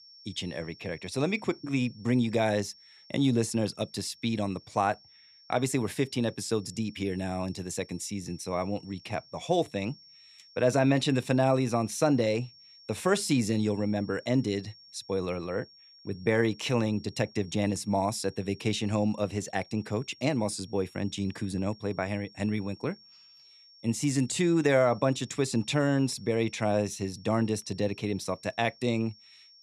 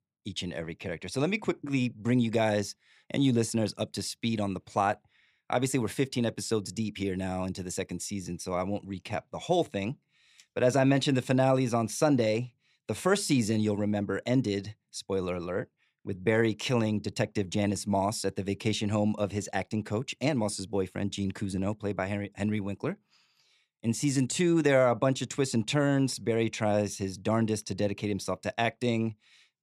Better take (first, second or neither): second